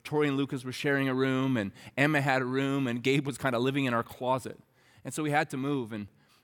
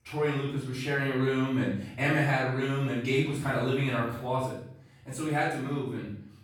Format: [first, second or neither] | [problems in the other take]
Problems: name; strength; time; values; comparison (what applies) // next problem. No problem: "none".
first | room echo; noticeable; dies away in 0.6 s // off-mic speech; far